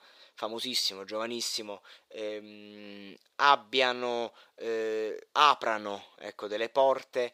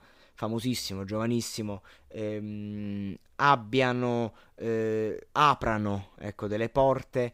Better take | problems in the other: second | thin; somewhat; fading below 500 Hz

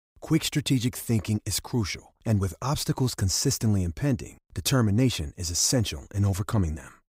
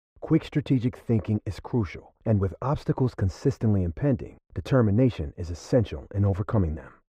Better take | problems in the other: first | muffled; very; fading above 3.5 kHz

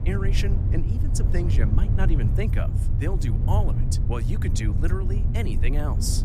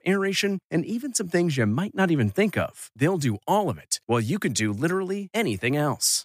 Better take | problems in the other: second | low rumble; loud; throughout; 4 dB below the speech

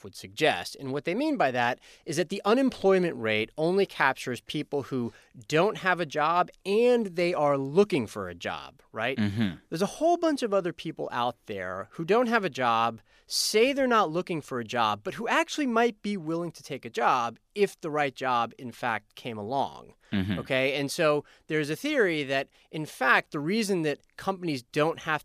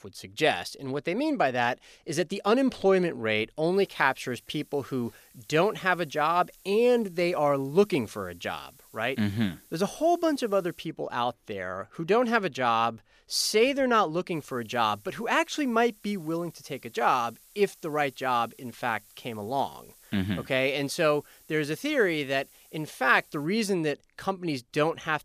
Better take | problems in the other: first | hiss; faint; from 3.5 to 11 s and from 14 to 23 s; 25 dB below the speech

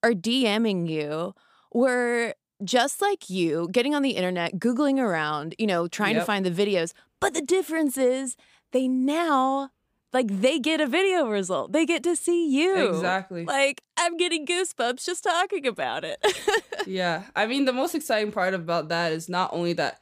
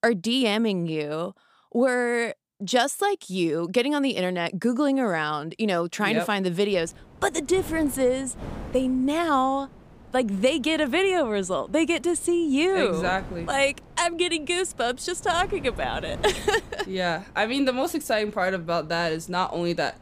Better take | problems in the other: first | wind noise on the microphone; occasional gusts; from 6.5 s on; 25 dB below the speech

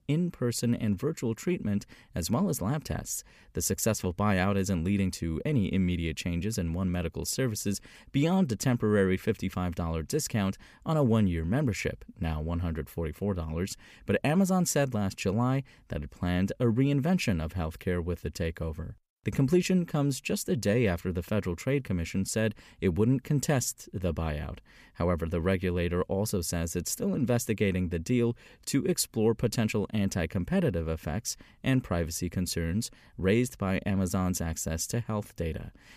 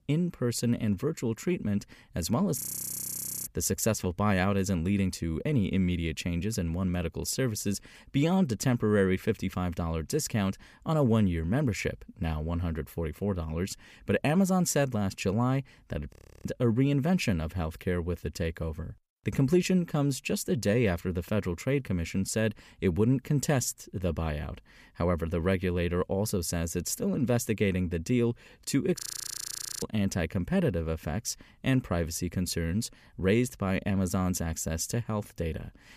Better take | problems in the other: first | audio freezing; at 2.5 s for 1 s, at 16 s and at 29 s for 1 s

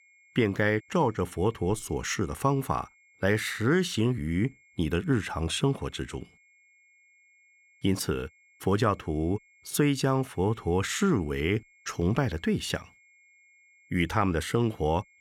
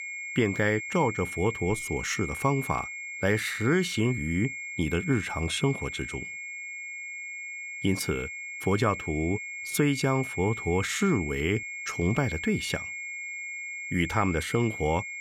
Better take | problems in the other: first | high-pitched whine; loud; throughout; 2 kHz, 7 dB below the speech; faint in the first

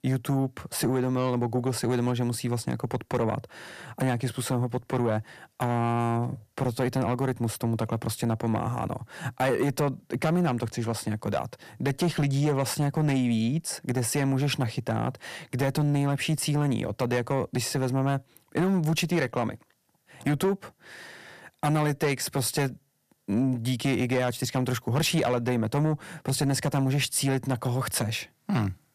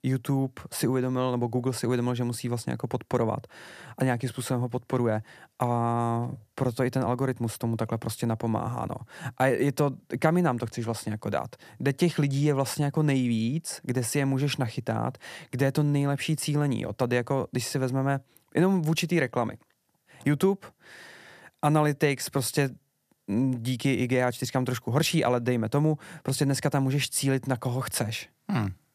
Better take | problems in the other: second | distortion; slight; 10 dB below the speech

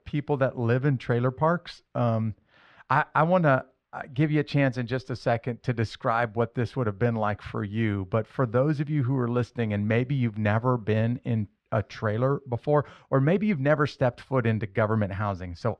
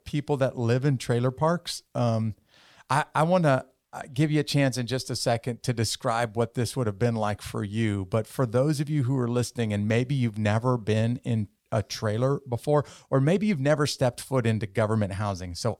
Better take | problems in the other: second | muffled; slightly; fading above 2 kHz

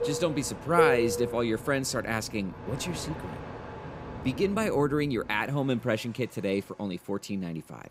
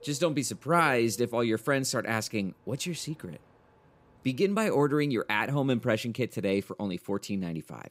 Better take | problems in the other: second | train or aircraft noise; loud; throughout; 5 dB below the speech; faint in the second

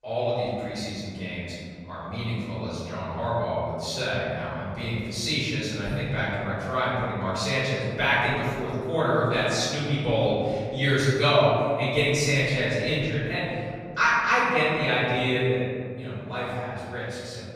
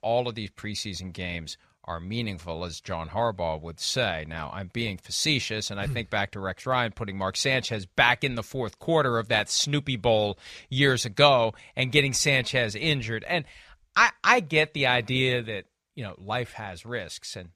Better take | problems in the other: second | off-mic speech; far // room echo; strong; dies away in 2.2 s

